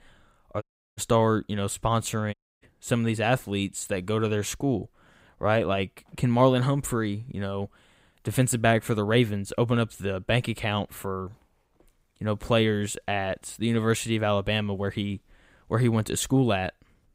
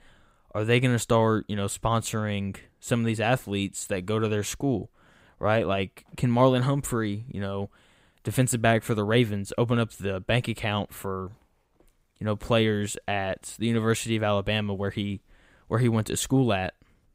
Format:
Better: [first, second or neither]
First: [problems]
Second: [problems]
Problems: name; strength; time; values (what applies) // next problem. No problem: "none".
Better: second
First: audio cutting out; at 0.5 s and at 2.5 s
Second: none